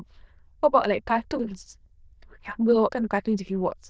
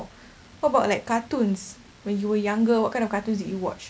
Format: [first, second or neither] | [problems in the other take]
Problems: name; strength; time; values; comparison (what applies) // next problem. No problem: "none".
second | noise reduction (neural diffusion model UNIVERSE++)